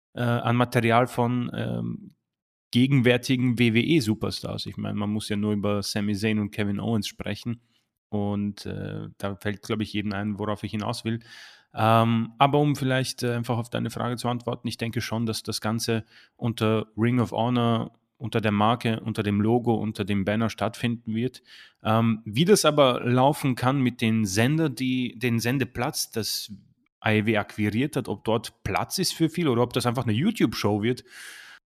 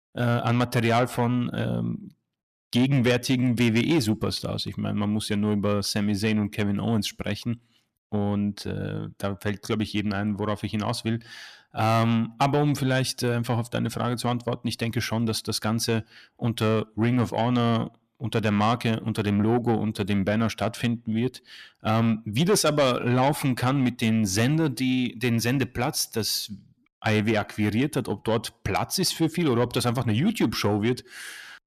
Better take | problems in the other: first | distortion; slight; 10 dB below the speech

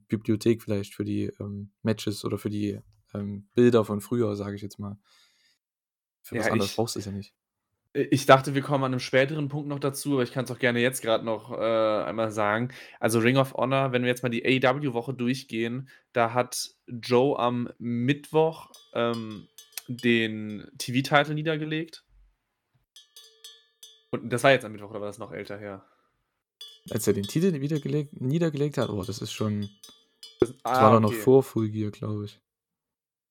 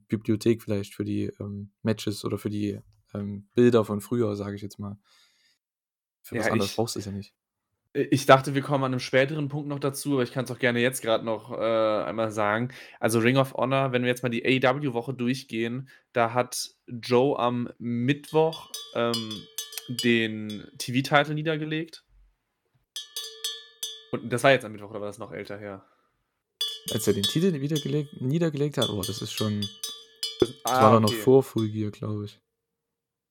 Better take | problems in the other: first | animal sounds; loud; from 19 s on; 8 dB below the speech; faint in the first

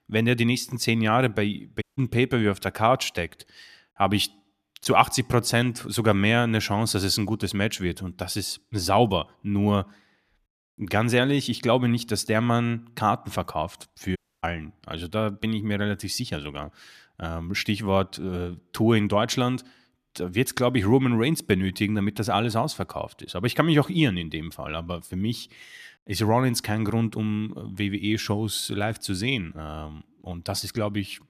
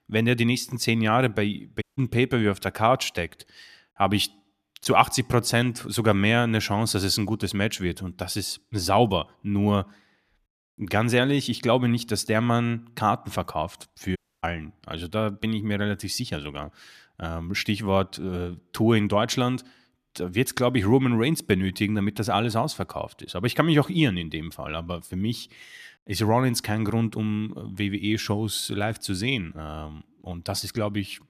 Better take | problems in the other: neither | audio cutting out; at 2 s and at 14 s; the same in both

